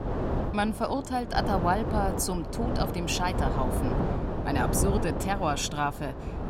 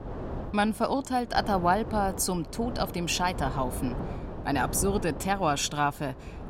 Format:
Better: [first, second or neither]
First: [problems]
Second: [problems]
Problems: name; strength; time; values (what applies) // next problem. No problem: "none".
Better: second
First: wind noise on the microphone; heavy; 5 dB below the speech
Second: wind noise on the microphone; occasional gusts; 15 dB below the speech